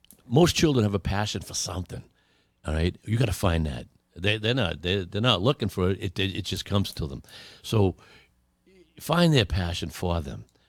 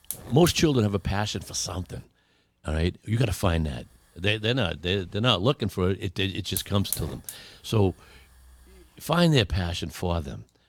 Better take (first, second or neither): first